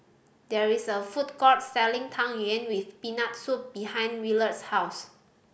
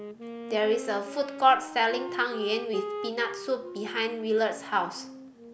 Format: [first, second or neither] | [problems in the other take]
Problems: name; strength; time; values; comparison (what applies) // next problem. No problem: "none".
first | background sound (Wind instrument, woodwind instrument); 11 dB below the speech